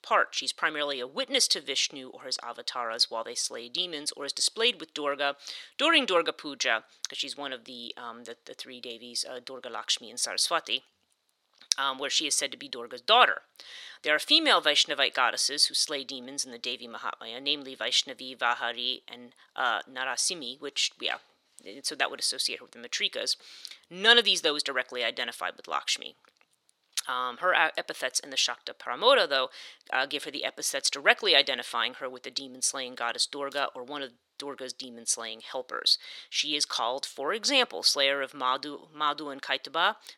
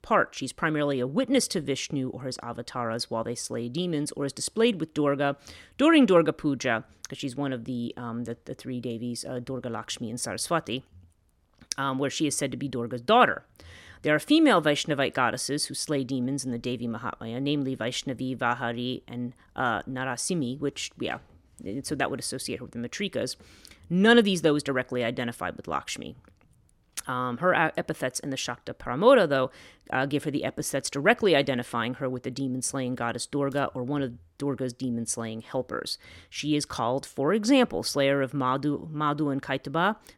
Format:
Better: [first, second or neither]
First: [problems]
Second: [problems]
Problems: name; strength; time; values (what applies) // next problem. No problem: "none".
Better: second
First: thin; somewhat; fading below 600 Hz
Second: none